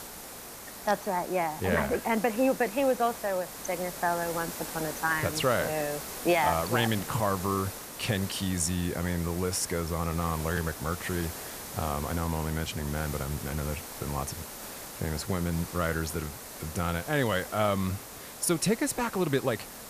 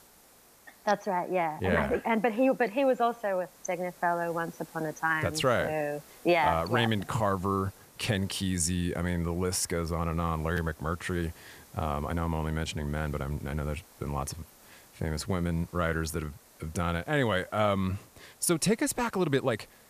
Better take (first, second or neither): second